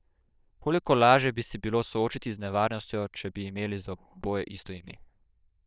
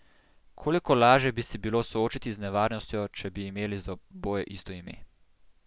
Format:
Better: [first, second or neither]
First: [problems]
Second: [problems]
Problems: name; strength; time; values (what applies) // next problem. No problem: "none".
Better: second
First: noise reduction (neural diffusion model UNIVERSE++)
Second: none